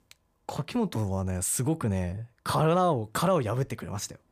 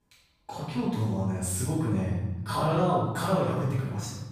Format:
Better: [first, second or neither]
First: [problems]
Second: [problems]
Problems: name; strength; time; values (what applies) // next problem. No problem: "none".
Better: first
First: none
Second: room echo; strong; dies away in 1 s // off-mic speech; far